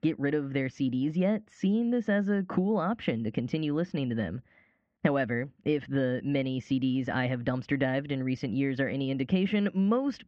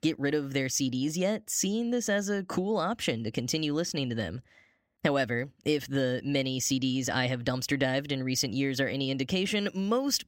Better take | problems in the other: second | muffled; very; fading above 2.5 kHz

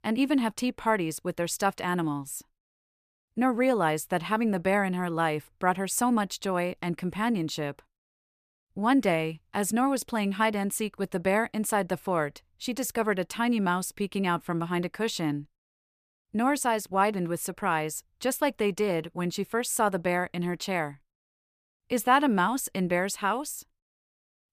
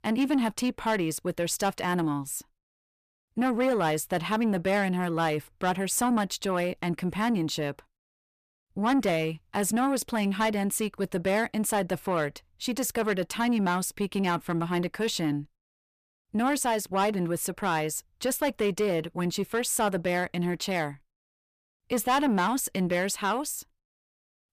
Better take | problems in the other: first | distortion; slight; 10 dB below the speech

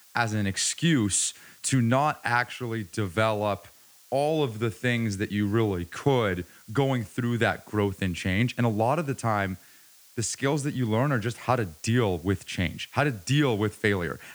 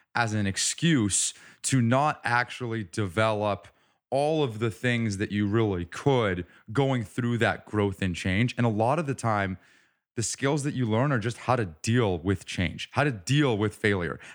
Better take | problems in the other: second | hiss; faint; throughout; 25 dB below the speech

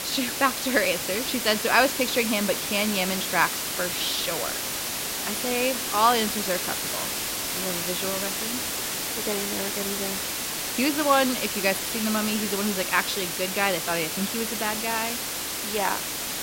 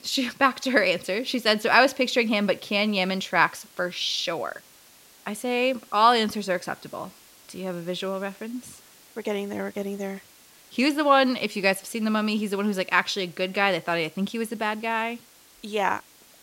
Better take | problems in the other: second | hiss; loud; throughout; 1 dB below the speech; faint in the second

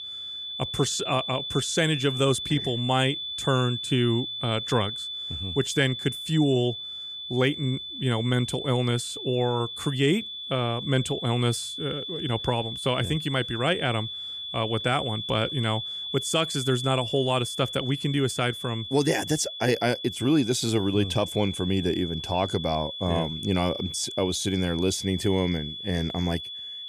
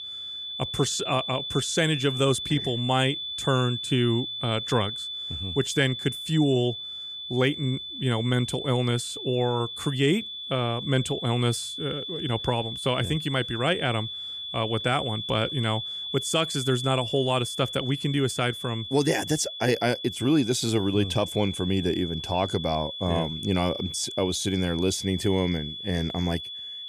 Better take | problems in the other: neither | high-pitched whine; loud; throughout; 3.5 kHz, 6 dB below the speech; the same in both

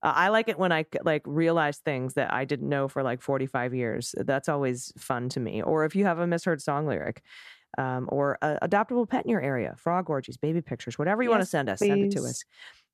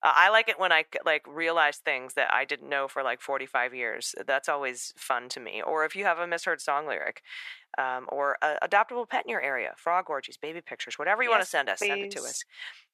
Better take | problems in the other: first | thin; very; fading below 800 Hz

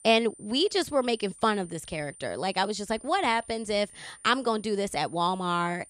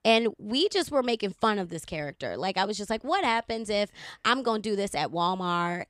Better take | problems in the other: second | high-pitched whine; faint; throughout; 9 kHz, 20 dB below the speech

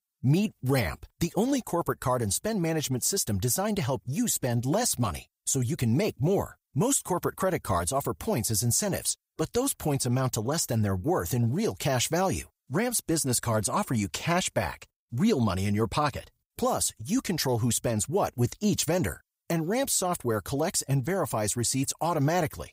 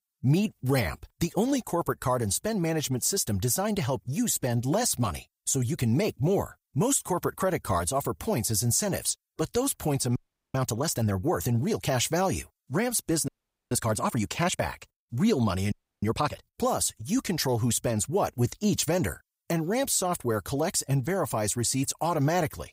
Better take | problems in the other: first | audio freezing; at 10 s, at 13 s and at 16 s

